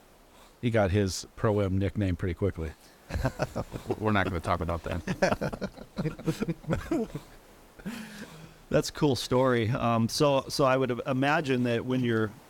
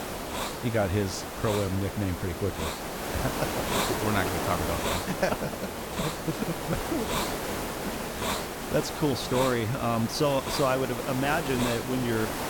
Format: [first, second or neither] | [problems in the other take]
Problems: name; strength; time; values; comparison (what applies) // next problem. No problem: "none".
first | hiss; loud; throughout; 2 dB below the speech; faint in the first